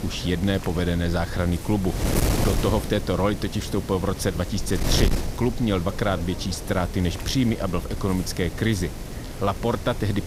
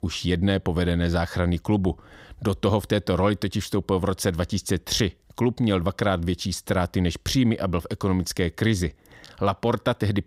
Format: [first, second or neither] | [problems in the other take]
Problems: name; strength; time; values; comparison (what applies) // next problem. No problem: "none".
second | wind noise on the microphone; heavy; 7 dB below the speech